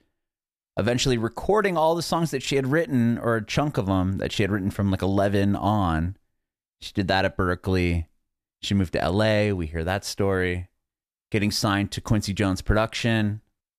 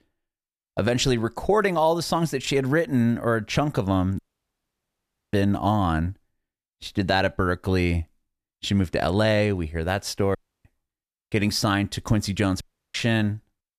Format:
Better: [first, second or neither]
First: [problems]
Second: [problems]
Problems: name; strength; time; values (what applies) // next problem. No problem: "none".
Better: first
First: none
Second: audio cutting out; at 4 s for 1 s, at 10 s and at 13 s